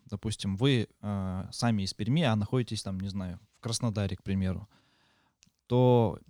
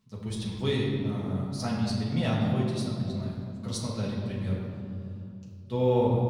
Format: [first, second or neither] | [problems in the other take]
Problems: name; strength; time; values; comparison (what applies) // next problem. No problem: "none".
first | off-mic speech; far // room echo; noticeable; dies away in 2.4 s